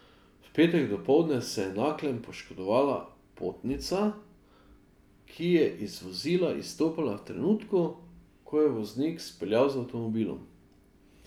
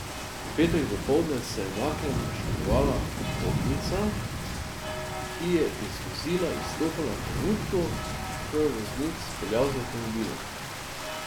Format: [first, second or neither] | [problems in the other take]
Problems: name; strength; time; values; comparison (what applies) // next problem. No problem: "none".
first | background sound (Rain); 2 dB below the speech